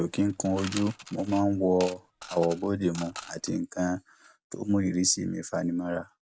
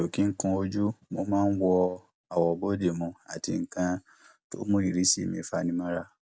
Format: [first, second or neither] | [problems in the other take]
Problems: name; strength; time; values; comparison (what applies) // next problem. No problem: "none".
second | background sound (Coin (dropping) / Mechanisms); 16 dB below the speech